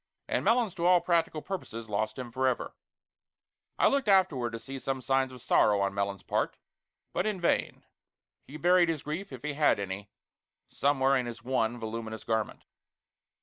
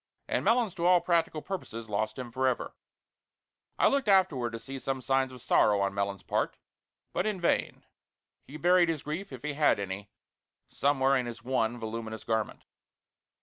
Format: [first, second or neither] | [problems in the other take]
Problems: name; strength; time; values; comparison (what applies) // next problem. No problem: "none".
second | noise reduction (neural mask model Resemble Enhance denoiser)